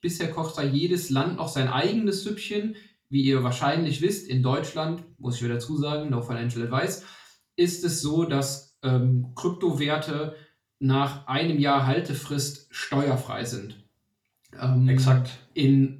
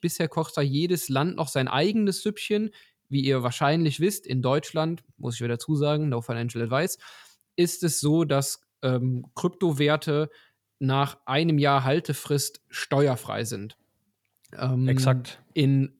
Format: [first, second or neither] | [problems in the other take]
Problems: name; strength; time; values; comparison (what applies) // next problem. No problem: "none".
second | room echo; very slight; dies away in 0.3 s // off-mic speech; far